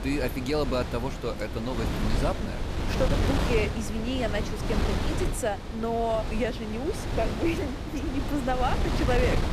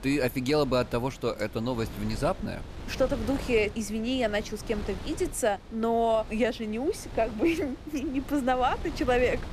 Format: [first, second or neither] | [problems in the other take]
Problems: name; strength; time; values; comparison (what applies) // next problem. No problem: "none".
second | wind noise on the microphone; heavy; 4 dB below the speech; occasional gusts in the second